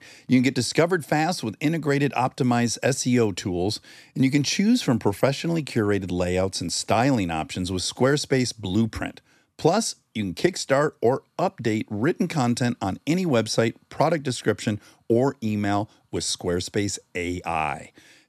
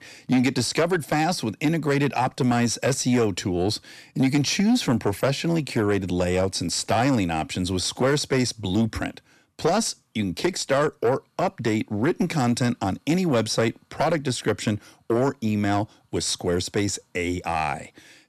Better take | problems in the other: first | distortion; slight; 10 dB below the speech

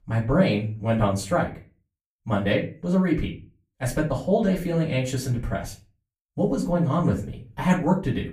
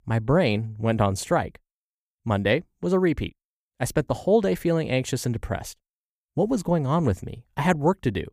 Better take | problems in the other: second | off-mic speech; far // room echo; very slight; dies away in 0.3 s

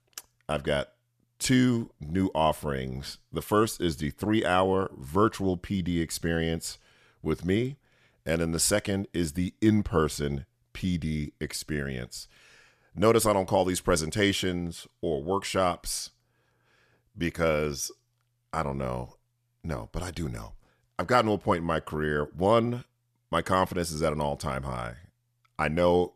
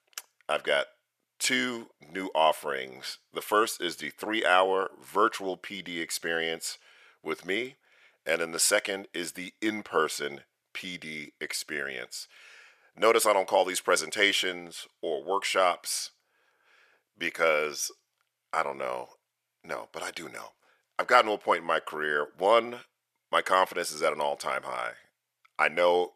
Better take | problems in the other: first | thin; very; fading below 550 Hz

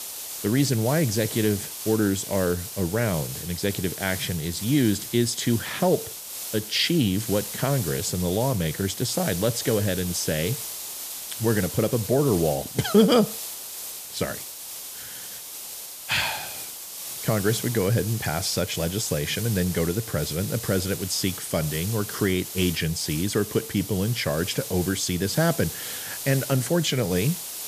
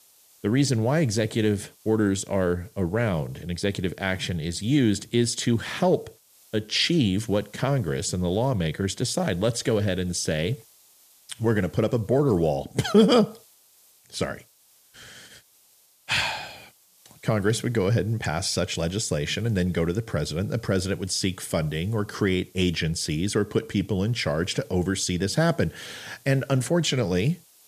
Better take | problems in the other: second | hiss; loud; throughout; 8 dB below the speech; faint in the second

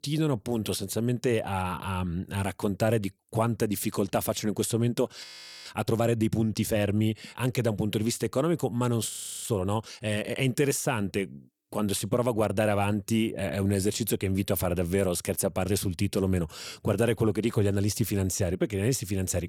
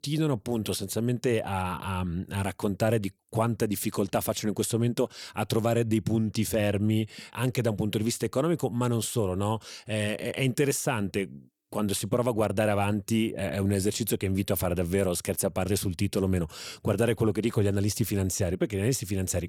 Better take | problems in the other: second | audio freezing; at 5 s and at 9 s

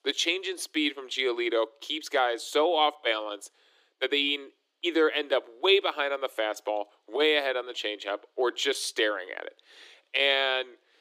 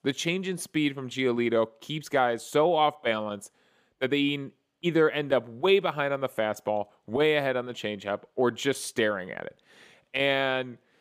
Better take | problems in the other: second | thin; somewhat; fading below 300 Hz

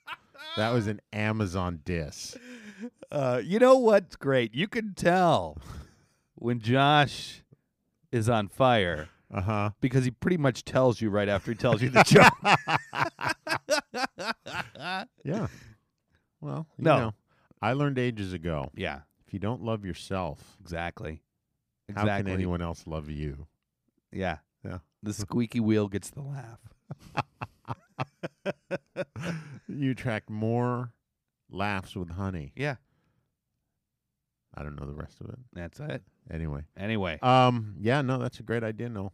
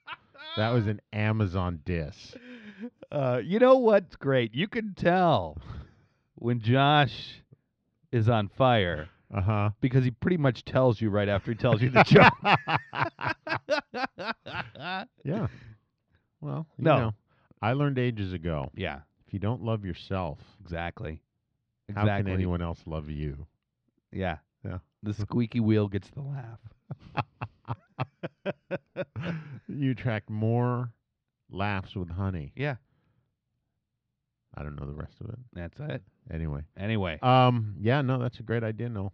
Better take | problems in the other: first | muffled; very slightly; fading above 4 kHz

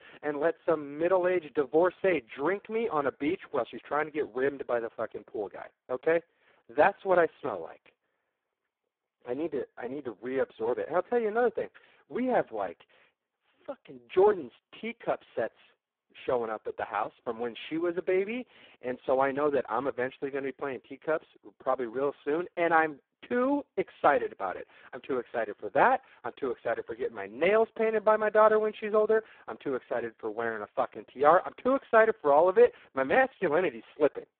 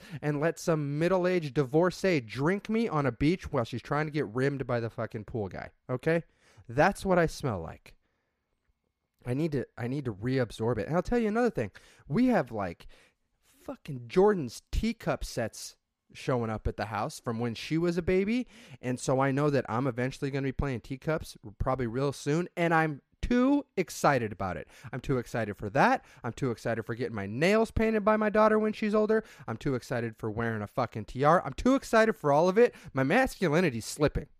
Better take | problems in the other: second | phone-call audio; poor line; nothing above 3.5 kHz

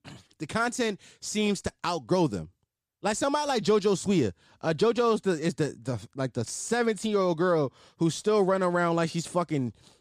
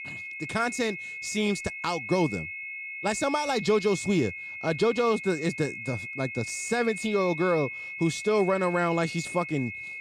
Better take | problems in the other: first | high-pitched whine; loud; throughout; 2 kHz, 8 dB below the speech

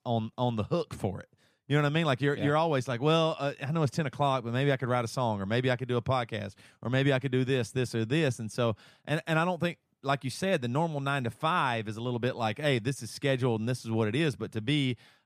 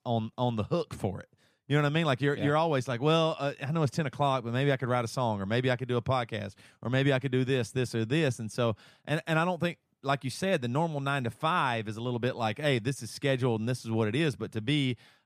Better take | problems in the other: neither | none

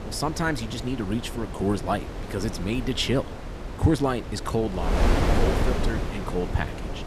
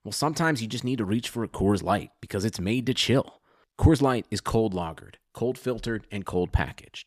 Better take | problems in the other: second | wind noise on the microphone; heavy; 4 dB below the speech

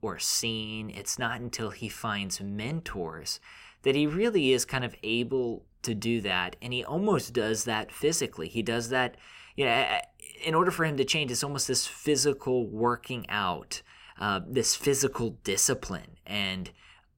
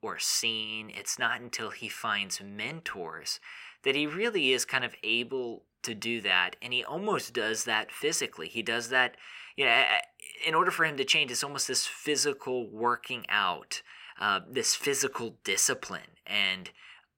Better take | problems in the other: first | thin; somewhat; fading below 800 Hz

